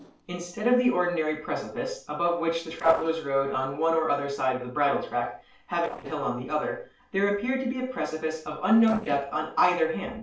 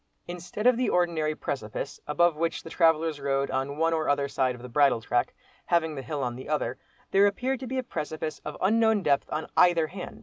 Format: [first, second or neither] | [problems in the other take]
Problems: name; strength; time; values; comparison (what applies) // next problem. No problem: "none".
second | noise reduction (neural separator model SepFormer DNS4)